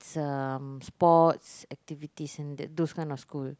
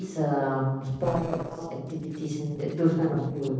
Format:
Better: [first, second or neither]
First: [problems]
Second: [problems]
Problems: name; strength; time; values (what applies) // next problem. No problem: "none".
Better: first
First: none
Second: noise reduction (neural separator model SepFormer DNS4)